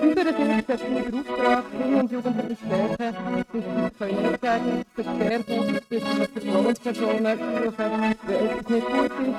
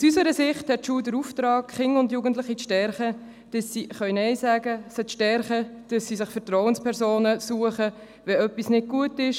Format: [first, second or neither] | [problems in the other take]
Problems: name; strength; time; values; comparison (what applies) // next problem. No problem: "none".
second | noise reduction (neural mask model RNNoise)